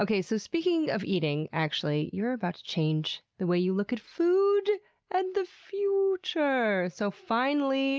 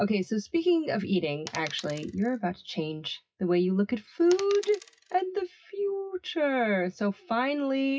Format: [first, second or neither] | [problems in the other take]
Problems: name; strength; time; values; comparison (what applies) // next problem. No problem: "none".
first | noise reduction (classical method WPE with log-MMSE)